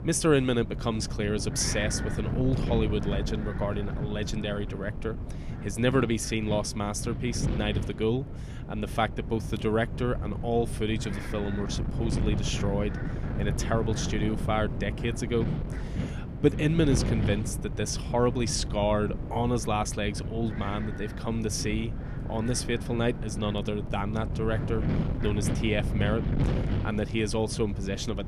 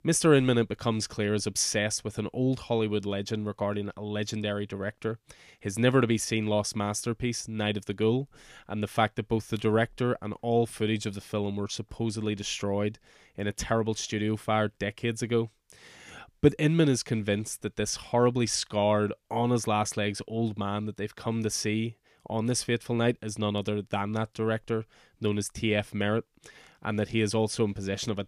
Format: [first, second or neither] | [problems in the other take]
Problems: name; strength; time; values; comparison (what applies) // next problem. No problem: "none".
second | wind noise on the microphone; heavy; 9 dB below the speech